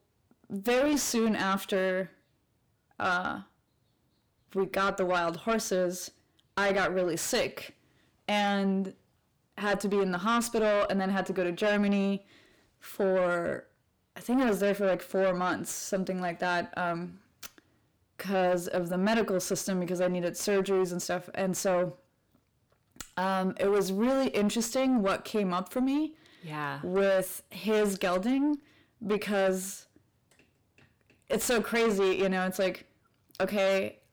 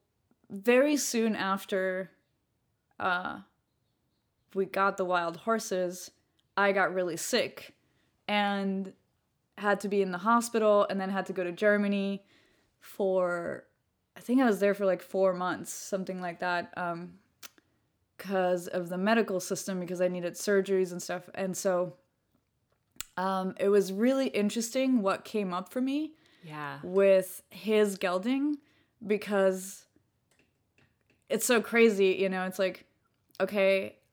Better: second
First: distortion; heavy; 7 dB below the speech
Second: none

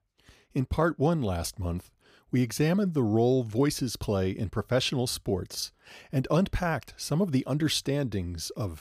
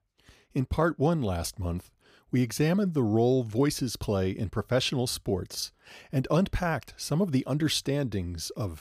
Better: neither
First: none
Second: none

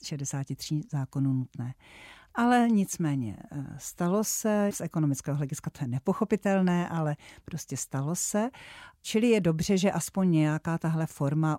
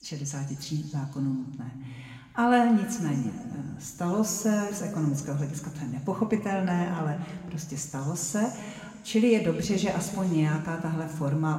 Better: first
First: none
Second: room echo; slight; dies away in 1.9 s // off-mic speech; somewhat distant

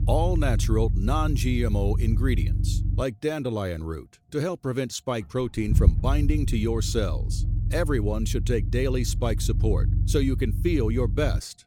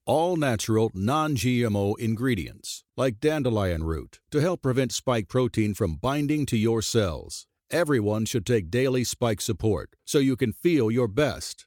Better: second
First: low rumble; noticeable; throughout; 10 dB below the speech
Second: none

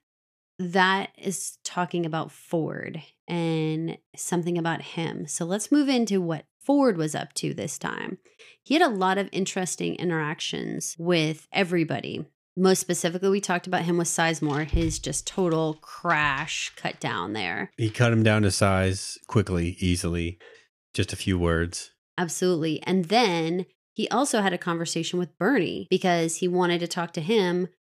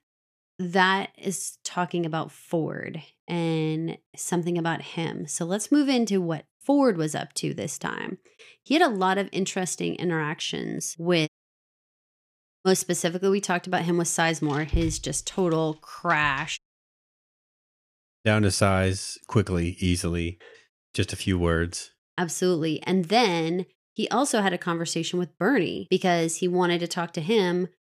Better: first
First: none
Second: audio cutting out; at 11 s for 1.5 s and at 17 s for 1.5 s

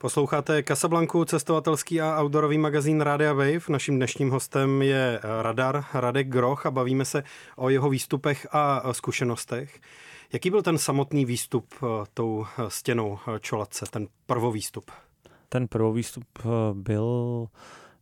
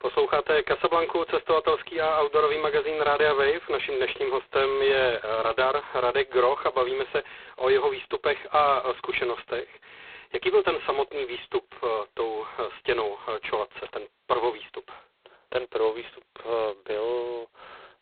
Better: first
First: none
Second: phone-call audio; poor line; nothing above 4 kHz

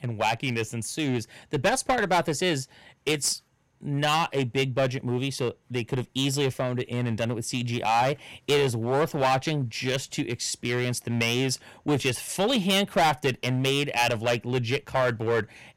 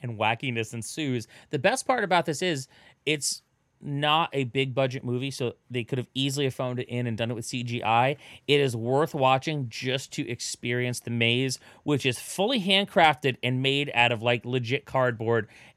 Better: second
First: distortion; heavy; 7% of the sound clipped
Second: none

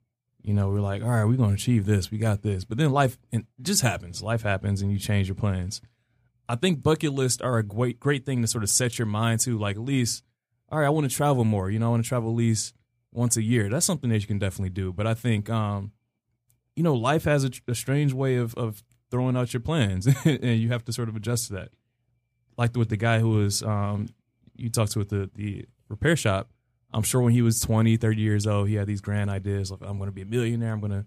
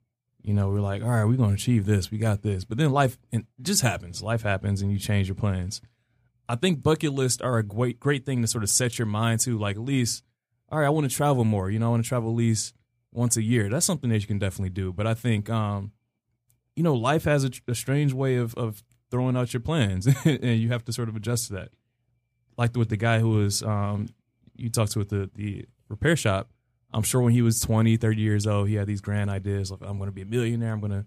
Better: neither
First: none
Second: none

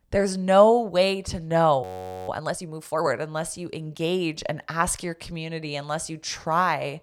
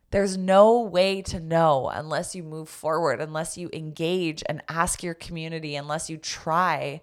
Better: second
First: audio freezing; at 2 s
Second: none

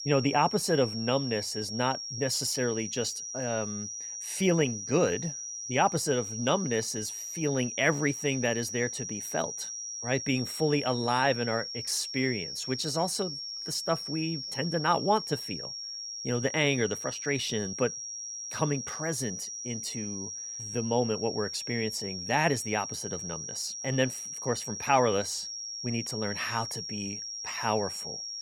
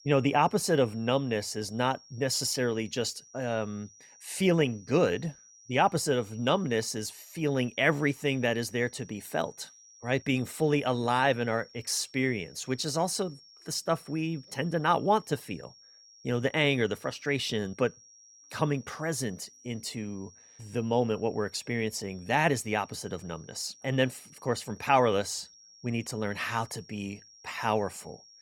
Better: second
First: high-pitched whine; loud; throughout; 5.5 kHz, 5 dB below the speech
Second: high-pitched whine; faint; throughout; 5.5 kHz, 25 dB below the speech

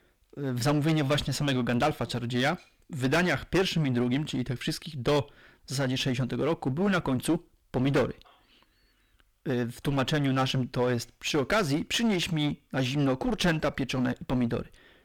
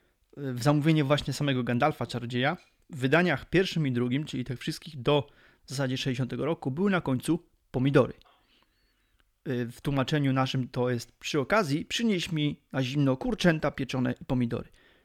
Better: second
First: distortion; heavy; 11% of the sound clipped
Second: none

